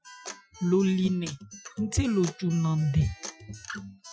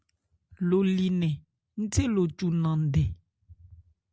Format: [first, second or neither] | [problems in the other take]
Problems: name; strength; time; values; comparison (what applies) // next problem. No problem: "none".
second | noise reduction (classical method Wiener filter)